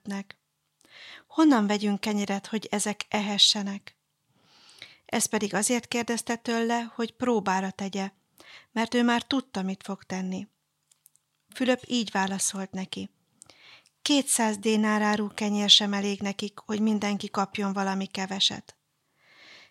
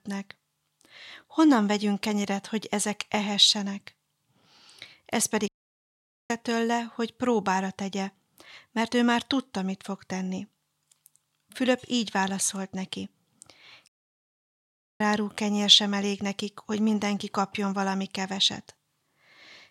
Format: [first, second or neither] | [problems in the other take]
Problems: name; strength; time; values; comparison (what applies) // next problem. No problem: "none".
first | audio cutting out; at 5.5 s for 1 s and at 14 s for 1 s